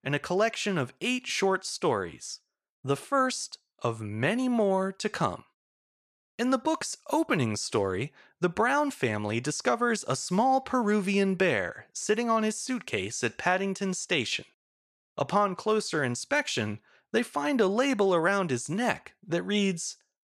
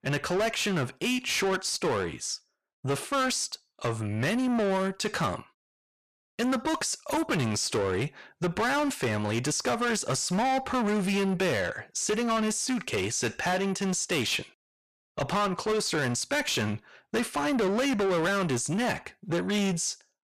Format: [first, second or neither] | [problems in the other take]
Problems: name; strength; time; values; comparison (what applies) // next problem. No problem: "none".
first | distortion; heavy; 7 dB below the speech